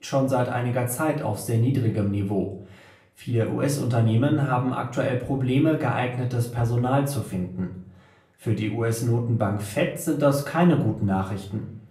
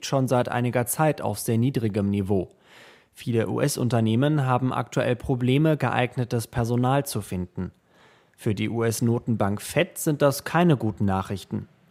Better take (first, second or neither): second